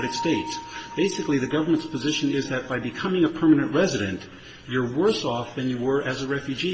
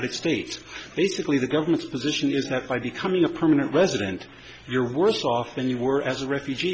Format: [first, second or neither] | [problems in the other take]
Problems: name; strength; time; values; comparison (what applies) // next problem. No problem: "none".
second | background sound (Bell); 18 dB below the speech // room echo; dies away in 1.6 s